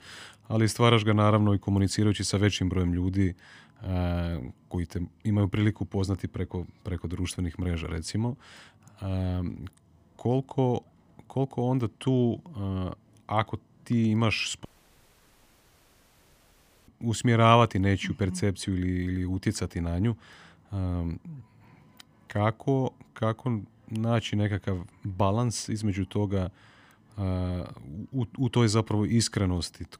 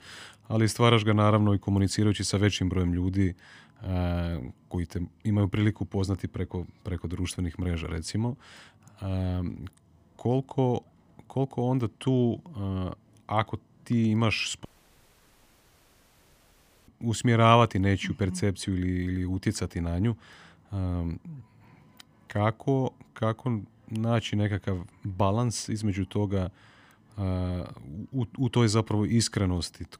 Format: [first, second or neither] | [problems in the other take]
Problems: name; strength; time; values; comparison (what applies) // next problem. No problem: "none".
neither | audio cutting out; at 15 s for 2 s; the same in both